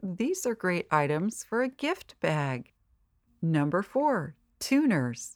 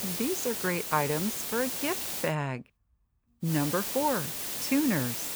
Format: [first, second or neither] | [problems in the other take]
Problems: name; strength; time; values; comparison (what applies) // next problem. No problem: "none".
first | hiss; loud; until 2.5 s and from 3.5 s on; 2 dB below the speech